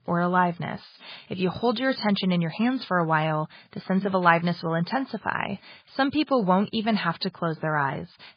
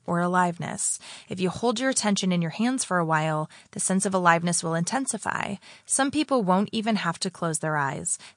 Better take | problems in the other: second | garbled, watery; badly; nothing above 4.5 kHz; slightly in the second

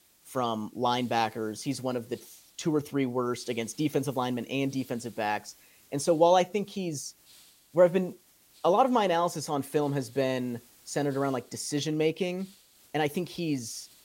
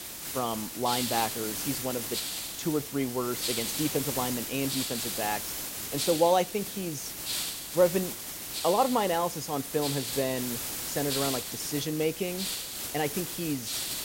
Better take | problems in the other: first | hiss; loud; throughout; 2 dB below the speech; faint in the first

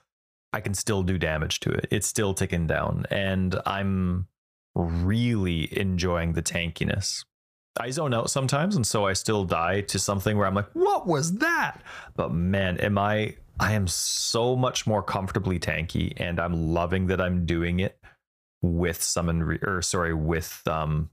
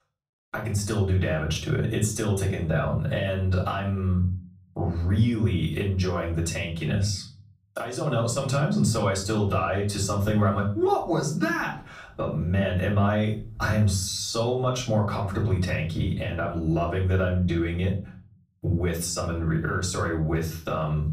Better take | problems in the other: first | off-mic speech; far // room echo; slight; dies away in 0.4 s

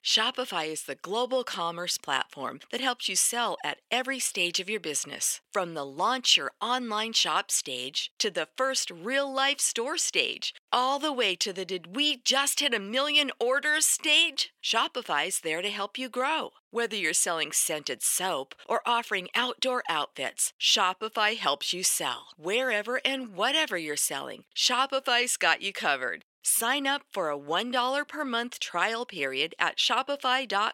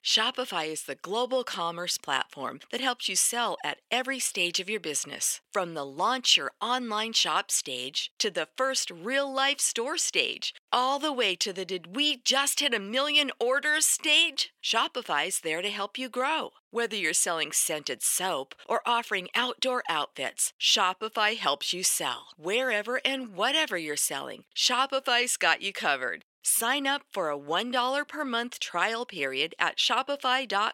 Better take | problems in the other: neither | thin; somewhat; fading below 400 Hz; the same in both

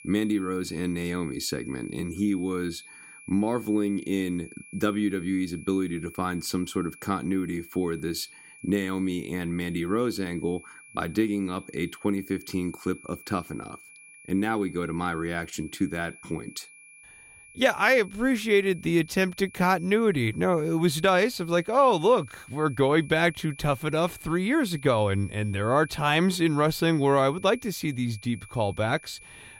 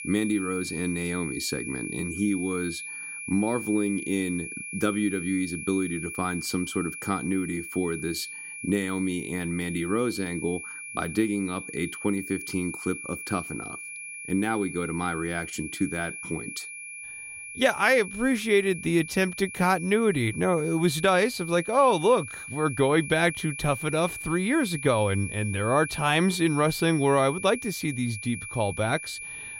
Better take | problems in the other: first | high-pitched whine; loud; throughout; 2.5 kHz, 9 dB below the speech; faint in the first

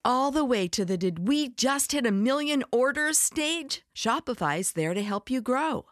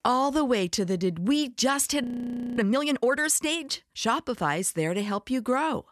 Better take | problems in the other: first | audio freezing; at 2 s for 0.5 s

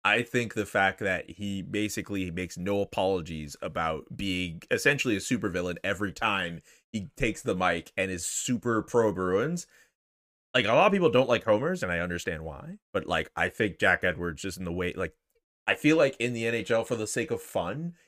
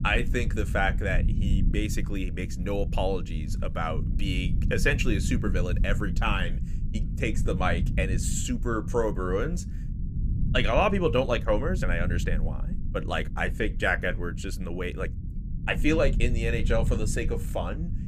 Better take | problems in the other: first | low rumble; noticeable; throughout; 15 dB below the speech

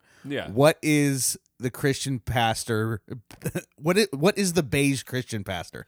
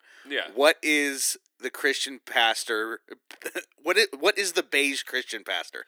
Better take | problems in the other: first | thin; somewhat; fading below 300 Hz

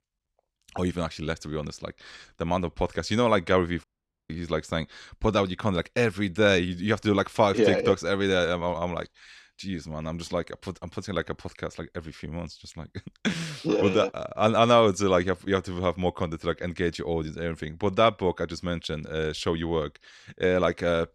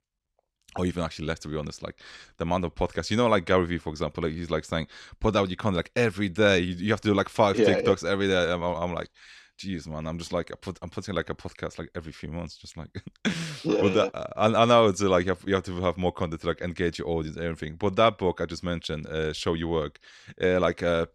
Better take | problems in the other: second | audio cutting out; at 4 s

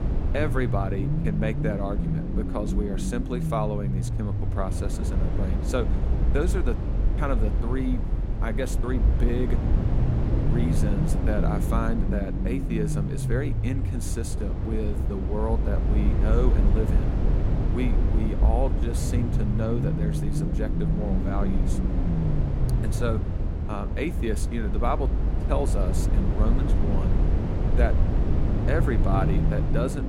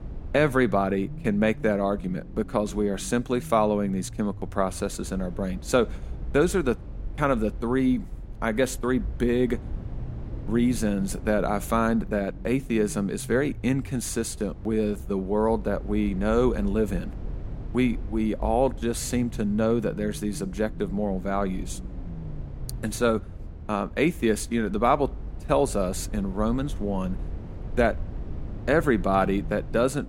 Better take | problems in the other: second | low rumble; loud; throughout; 4 dB below the speech; faint in the second

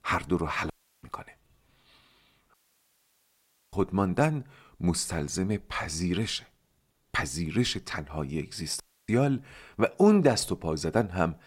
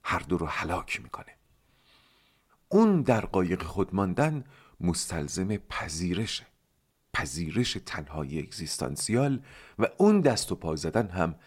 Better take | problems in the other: second | audio cutting out; at 0.5 s, at 2.5 s for 1 s and at 9 s

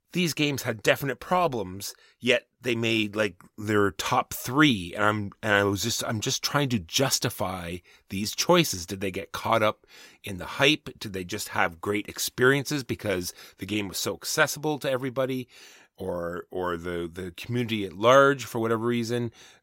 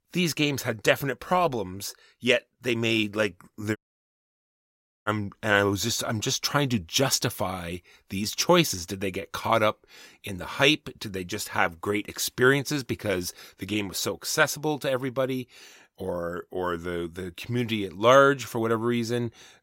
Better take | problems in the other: first | audio cutting out; at 4 s for 1.5 s

